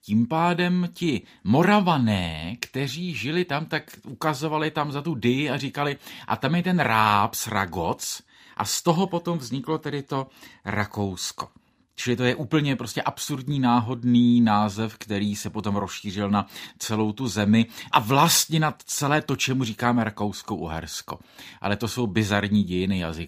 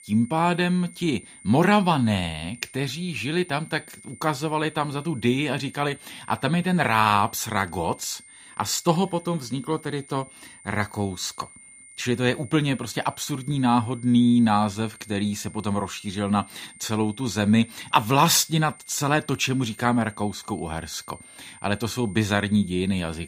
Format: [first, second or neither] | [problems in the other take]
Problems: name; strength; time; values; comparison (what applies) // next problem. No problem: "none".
first | high-pitched whine; faint; throughout; 9 kHz, 20 dB below the speech